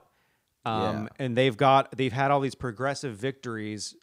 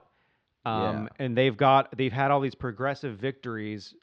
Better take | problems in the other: first | muffled; slightly; fading above 4 kHz

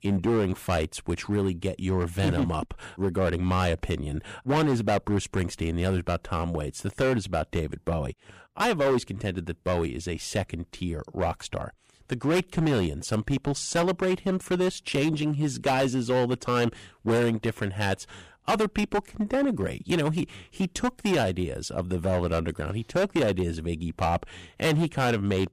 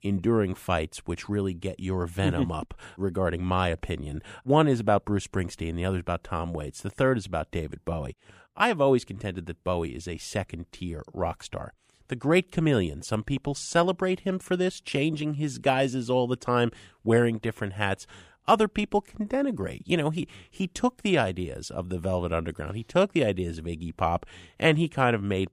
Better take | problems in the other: second | distortion; heavy; 10% of the sound clipped

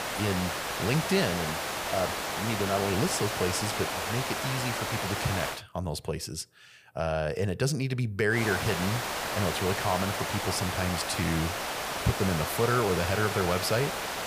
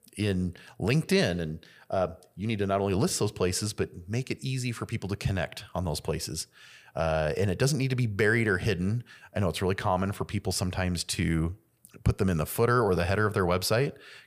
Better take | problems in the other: second | hiss; loud; until 5.5 s and from 8.5 s on; 1 dB below the speech

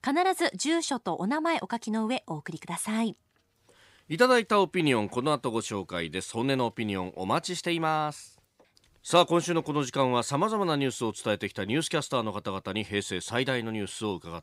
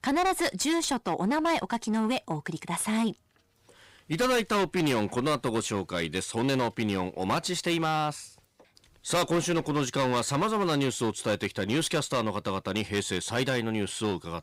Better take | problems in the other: first | distortion; heavy; 15% of the sound clipped

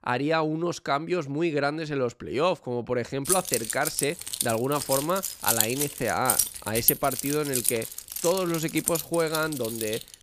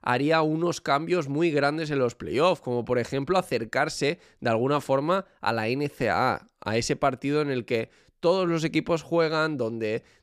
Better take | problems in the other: second | jangling keys; loud; from 3.5 s on; peak 5 dB above the speech

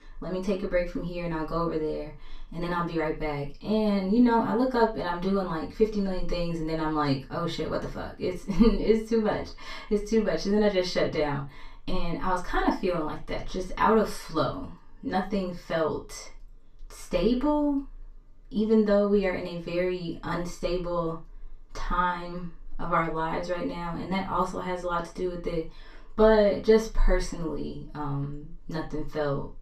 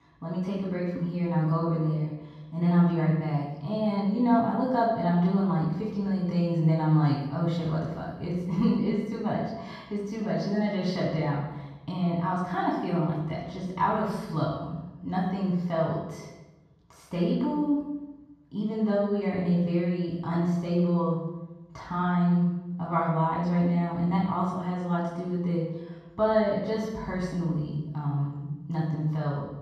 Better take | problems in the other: first | room echo; strong; dies away in 1.3 s; slight in the first // off-mic speech; far; far in the first

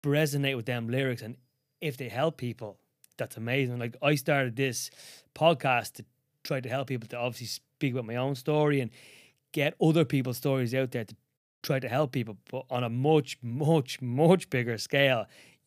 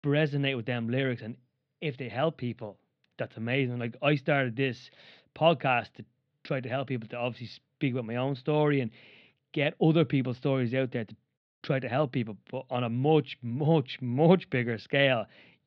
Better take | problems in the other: first | muffled; slightly; fading above 4 kHz

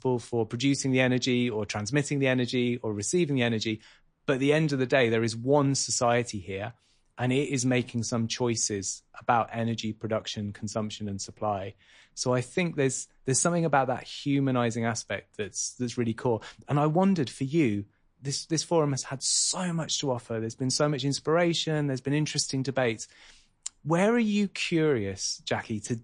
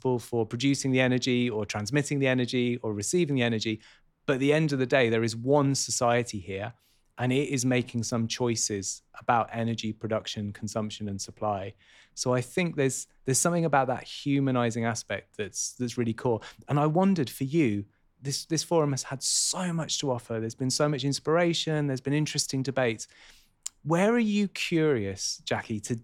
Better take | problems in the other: second | garbled, watery; slightly; nothing above 9 kHz

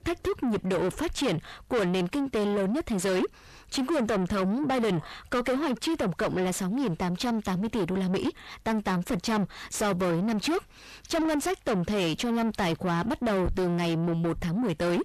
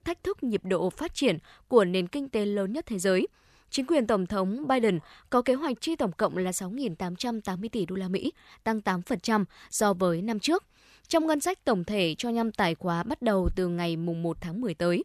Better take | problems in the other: second | distortion; heavy; 5 dB below the speech

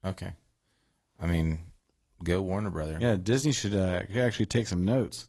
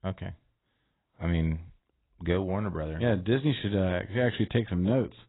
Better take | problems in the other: first | garbled, watery; badly; nothing above 4 kHz; slightly in the first

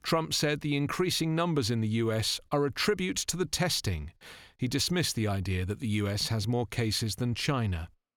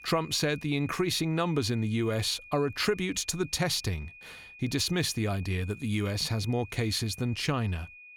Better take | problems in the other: first | high-pitched whine; noticeable; throughout; 2.5 kHz, 20 dB below the speech

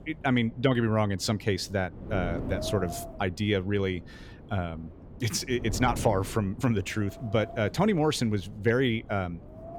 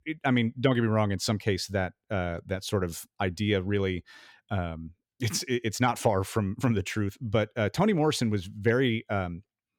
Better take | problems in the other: second | wind noise on the microphone; occasional gusts; 15 dB below the speech

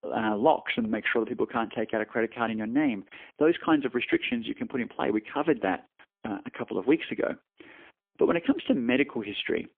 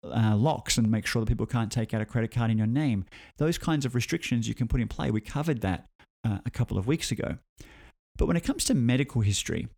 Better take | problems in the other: second | phone-call audio; poor line; nothing above 3.5 kHz

